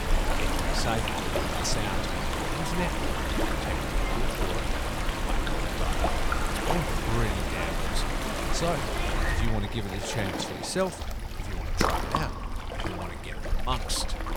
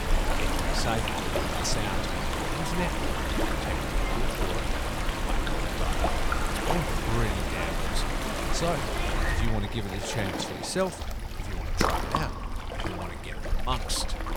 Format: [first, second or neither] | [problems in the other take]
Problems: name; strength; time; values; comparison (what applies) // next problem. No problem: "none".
neither | rain or running water; very loud; throughout; 4 dB above the speech; the same in both